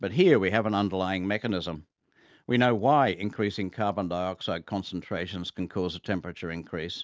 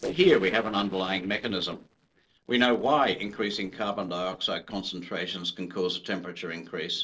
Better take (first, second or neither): first